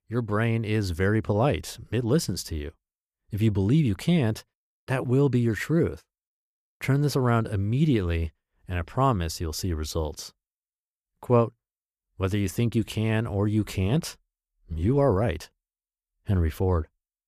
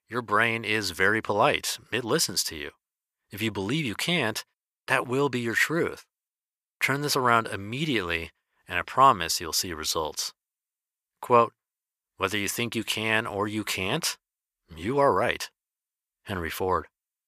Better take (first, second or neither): first